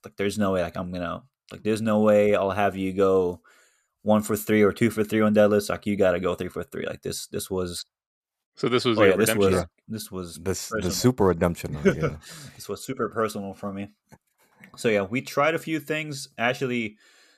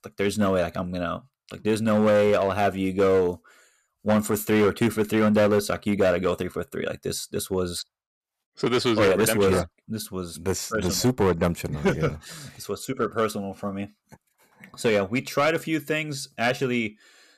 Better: first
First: none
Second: distortion; slight; 5% of the sound clipped

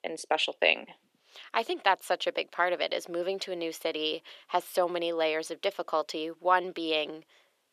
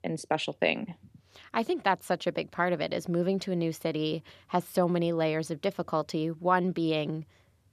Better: second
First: thin; very; fading below 400 Hz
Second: none

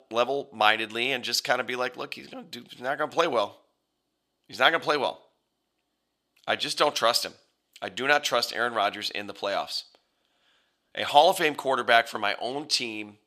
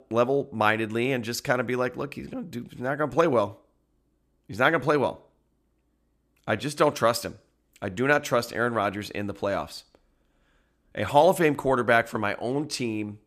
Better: second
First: thin; somewhat; fading below 700 Hz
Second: none

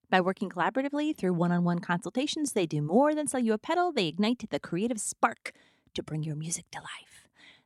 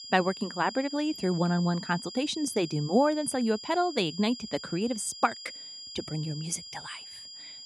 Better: first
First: none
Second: high-pitched whine; noticeable; throughout; 5 kHz, 10 dB below the speech

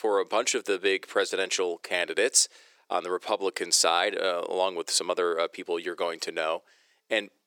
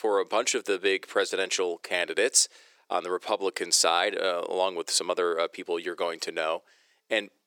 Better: neither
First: thin; very; fading below 400 Hz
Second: thin; very; fading below 400 Hz

